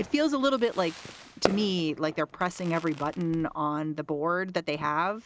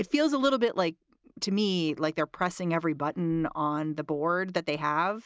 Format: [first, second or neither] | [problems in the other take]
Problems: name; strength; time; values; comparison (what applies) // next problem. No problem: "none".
second | background sound (Fireworks); 12 dB below the speech